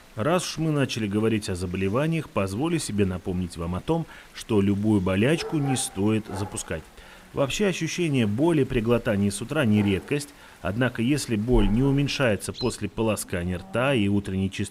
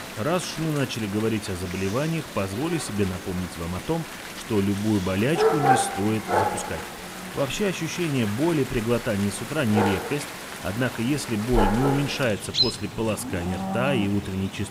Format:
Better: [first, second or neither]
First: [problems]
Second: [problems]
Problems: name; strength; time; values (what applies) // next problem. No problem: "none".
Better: first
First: animal sounds; faint; throughout; 20 dB below the speech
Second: animal sounds; loud; throughout; 3 dB below the speech